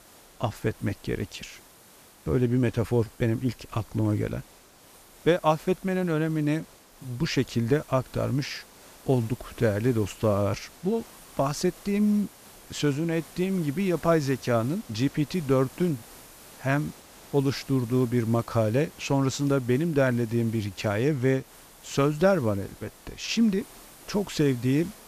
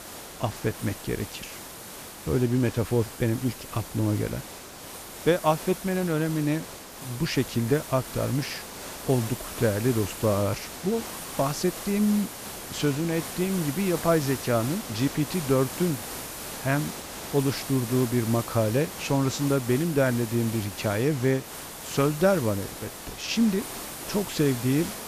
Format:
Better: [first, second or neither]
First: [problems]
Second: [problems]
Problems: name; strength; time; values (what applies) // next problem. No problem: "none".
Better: first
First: hiss; faint; throughout; 20 dB below the speech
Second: hiss; loud; throughout; 10 dB below the speech